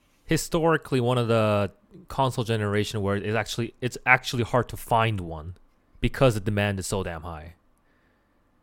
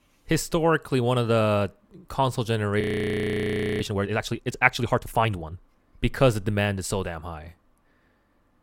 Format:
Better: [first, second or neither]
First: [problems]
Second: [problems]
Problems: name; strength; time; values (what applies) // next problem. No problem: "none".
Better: first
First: none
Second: audio freezing; at 3 s for 1 s